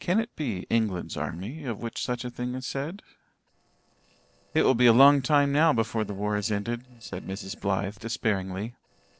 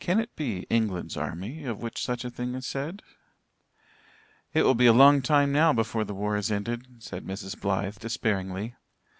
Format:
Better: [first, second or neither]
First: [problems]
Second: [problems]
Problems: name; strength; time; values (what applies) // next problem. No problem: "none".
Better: second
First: noise reduction (neural separator model SepFormer DNS4)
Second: none